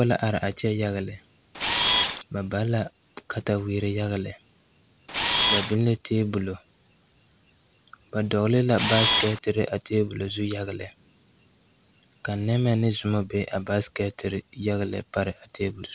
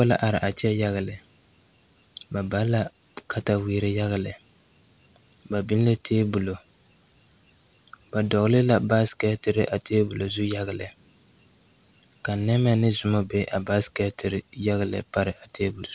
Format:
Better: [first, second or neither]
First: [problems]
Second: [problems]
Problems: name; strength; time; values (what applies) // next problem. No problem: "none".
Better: second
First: background sound (Camera); 3 dB above the speech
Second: none